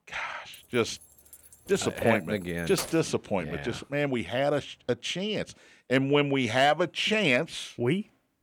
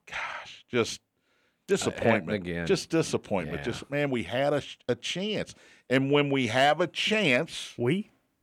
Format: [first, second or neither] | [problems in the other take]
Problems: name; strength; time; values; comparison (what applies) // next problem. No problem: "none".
second | jangling keys; noticeable; from 0.5 to 3 s; peak 8 dB below the speech